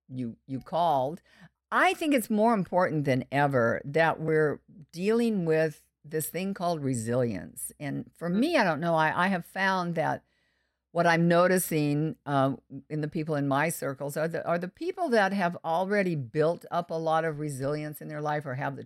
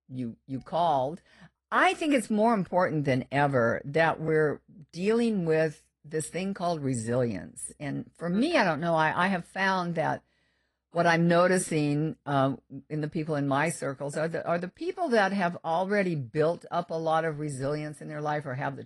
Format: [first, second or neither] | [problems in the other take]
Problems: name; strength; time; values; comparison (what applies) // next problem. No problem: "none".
first | garbled, watery; slightly; nothing above 10.5 kHz